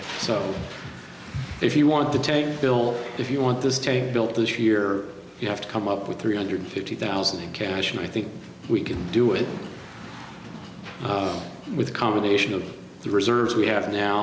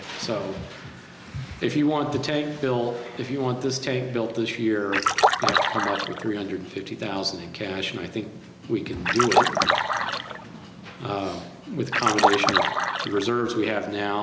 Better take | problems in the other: first | background sound (Splash, splatter); 5 dB above the speech

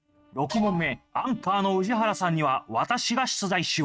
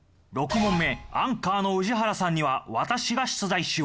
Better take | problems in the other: second | noise reduction (neural mask model RNNoise)

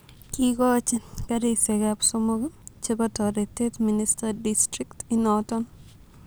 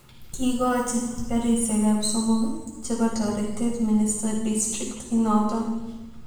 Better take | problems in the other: first | room echo; dies away in 1.1 s

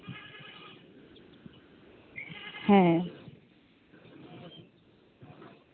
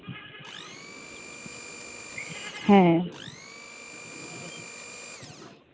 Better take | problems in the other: first | background sound (Domestic sounds, home sounds); 15 dB below the speech

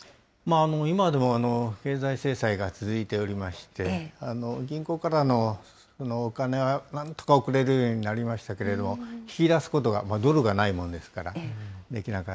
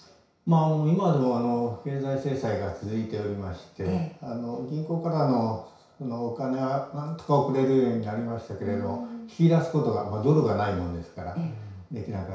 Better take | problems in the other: first | room echo; dies away in 0.6 s

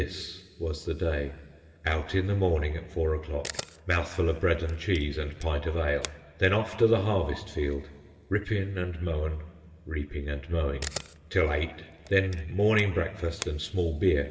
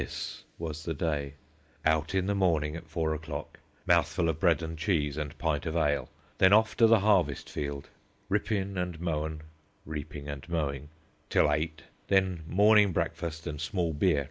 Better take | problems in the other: second | background sound (Camera); 16 dB below the speech // room echo; dies away in 2.2 s

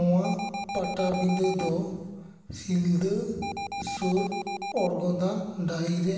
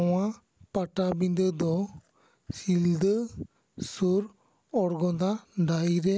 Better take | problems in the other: second | background sound (Alarm); 6 dB below the speech // room echo; dies away in 1.3 s

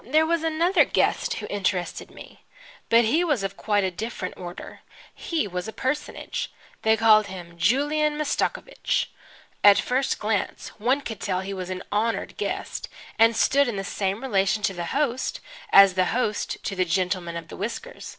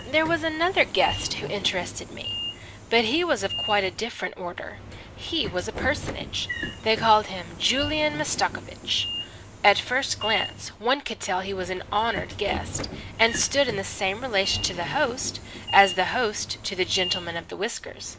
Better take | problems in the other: first | background sound (Sliding door / Train); 10 dB below the speech

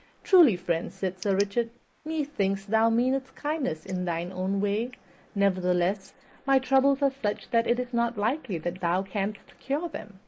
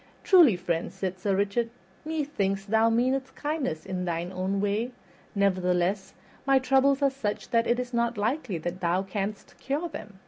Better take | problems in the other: second | noise reduction (neural mask model Resemble Enhance denoiser)

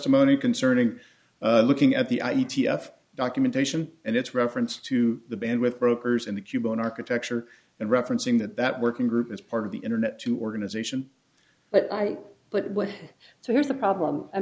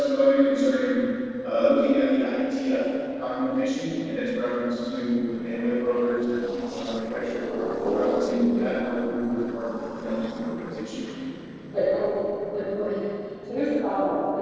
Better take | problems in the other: first | noise reduction (neural separator model SepFormer DNS4)

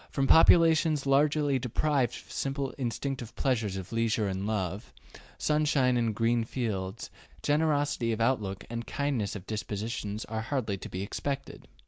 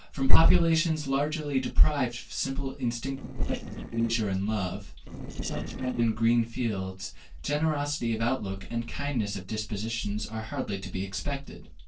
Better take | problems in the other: first | noise reduction (neural separator model SepFormer DNS4)

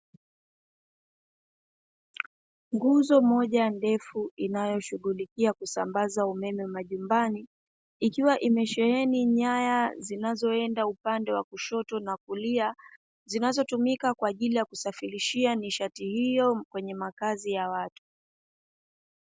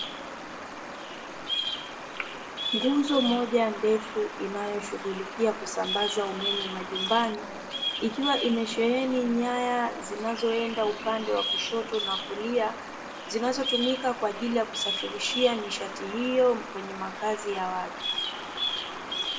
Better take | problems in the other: first | background sound (Bird vocalization, bird call, bird song); 5 dB below the speech // room echo; dies away in 0.6 s

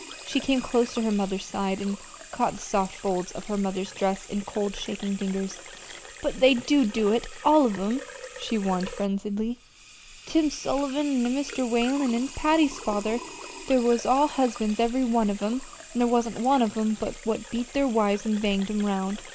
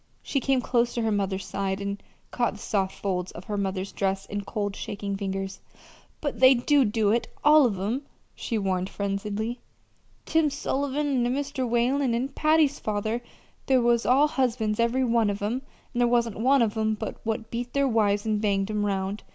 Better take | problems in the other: second | background sound (Sink (filling or washing) / Water tap, faucet); 16 dB below the speech

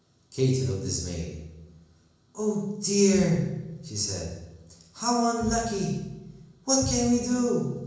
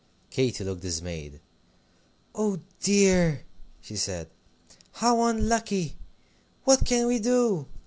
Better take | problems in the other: second | room echo; dies away in 1 s

